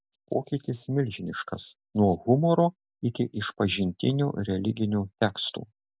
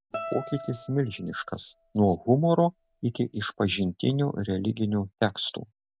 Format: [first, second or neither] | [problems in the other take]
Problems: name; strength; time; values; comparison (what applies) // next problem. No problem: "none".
first | background sound (Guitar); 15 dB below the speech